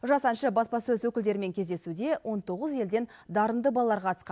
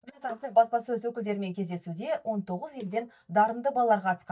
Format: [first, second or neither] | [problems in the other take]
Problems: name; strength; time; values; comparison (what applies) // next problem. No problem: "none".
first | noise reduction (neural mask model DeepFilterNet 3)